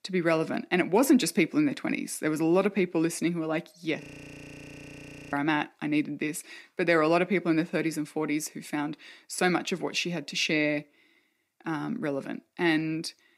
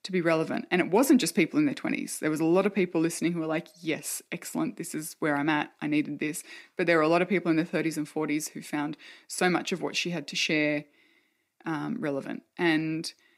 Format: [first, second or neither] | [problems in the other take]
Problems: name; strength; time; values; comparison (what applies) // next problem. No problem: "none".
second | audio freezing; at 4 s for 1.5 s